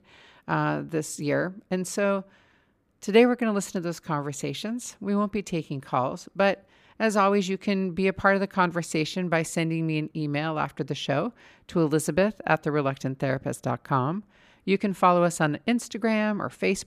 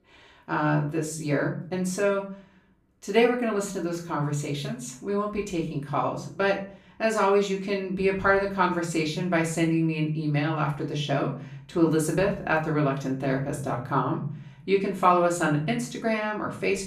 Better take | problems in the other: first | room echo; slight; dies away in 0.6 s // off-mic speech; far

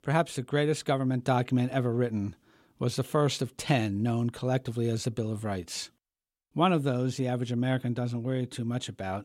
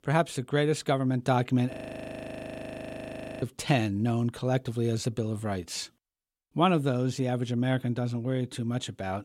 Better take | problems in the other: first | audio freezing; at 1.5 s for 1.5 s

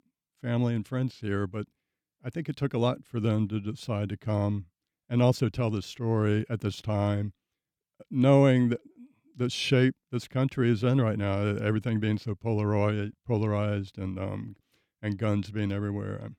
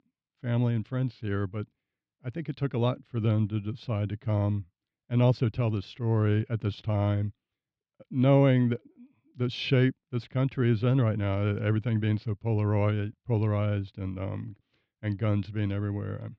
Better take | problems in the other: first | muffled; very slightly; fading above 4.5 kHz

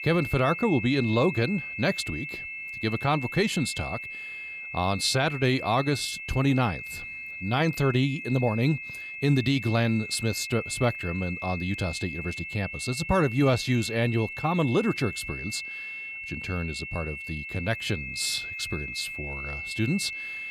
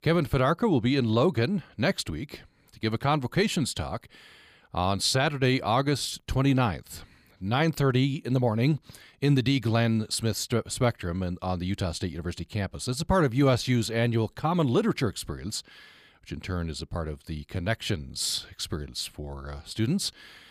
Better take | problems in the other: second | high-pitched whine; loud; throughout; 2.5 kHz, 7 dB below the speech

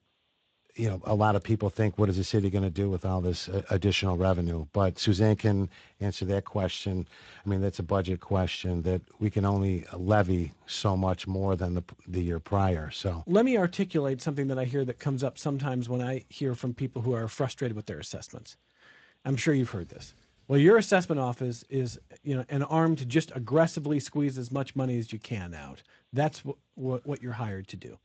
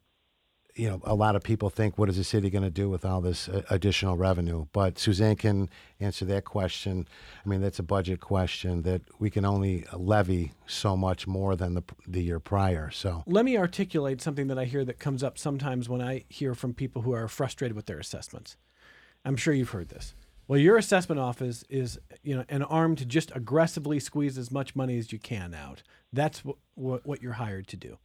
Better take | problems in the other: second | garbled, watery; slightly; nothing above 7.5 kHz

